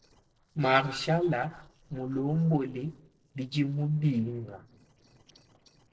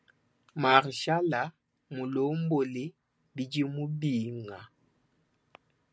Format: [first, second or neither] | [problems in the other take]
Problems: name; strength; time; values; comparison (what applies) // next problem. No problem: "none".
second | noise reduction (neural separator model SepFormer DNS4)